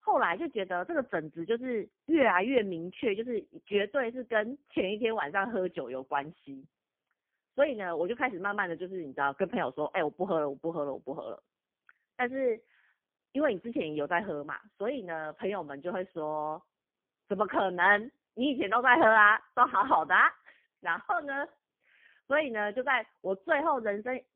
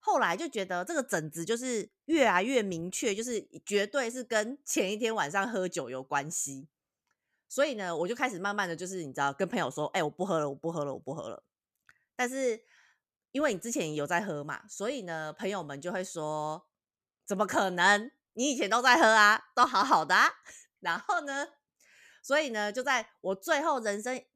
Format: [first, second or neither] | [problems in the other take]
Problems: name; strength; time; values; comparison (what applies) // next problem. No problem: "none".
second | phone-call audio; poor line; nothing above 3.5 kHz